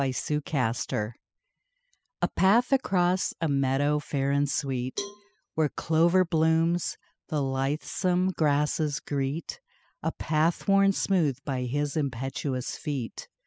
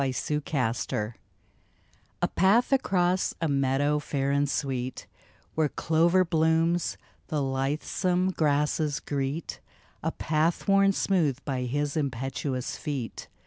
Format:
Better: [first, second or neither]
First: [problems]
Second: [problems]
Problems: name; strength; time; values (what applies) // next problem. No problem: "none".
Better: second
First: noise reduction (classical method spectral subtraction)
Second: none